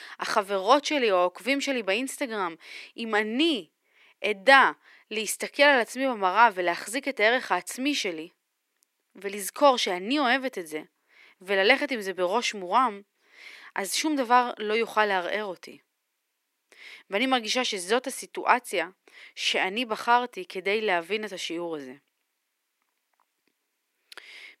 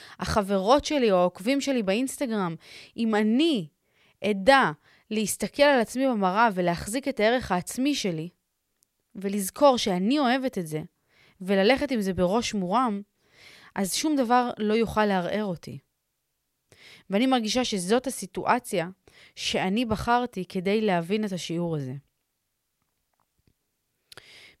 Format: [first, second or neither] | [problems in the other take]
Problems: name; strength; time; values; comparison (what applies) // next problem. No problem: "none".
second | thin; somewhat; fading below 300 Hz